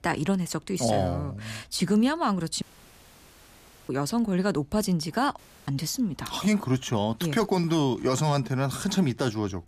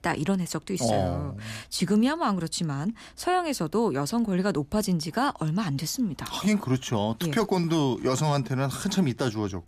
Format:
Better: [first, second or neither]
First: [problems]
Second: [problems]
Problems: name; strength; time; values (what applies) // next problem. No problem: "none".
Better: second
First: audio cutting out; at 2.5 s for 1.5 s and at 5.5 s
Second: none